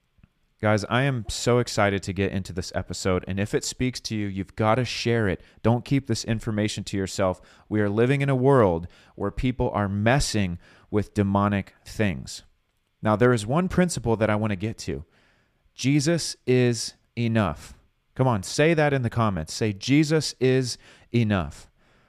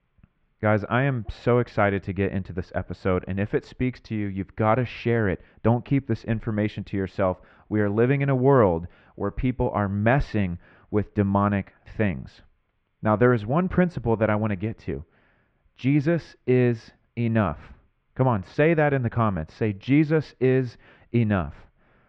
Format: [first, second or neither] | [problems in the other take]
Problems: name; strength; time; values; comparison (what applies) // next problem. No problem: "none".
first | muffled; very; fading above 2.5 kHz